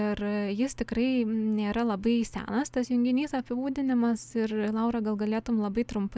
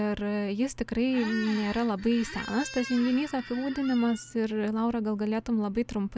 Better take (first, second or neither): first